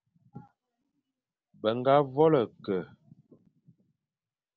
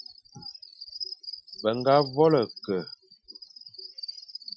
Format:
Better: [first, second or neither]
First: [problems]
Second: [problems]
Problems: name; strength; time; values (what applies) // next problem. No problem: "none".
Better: first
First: none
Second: noise reduction (classical method Wiener filter)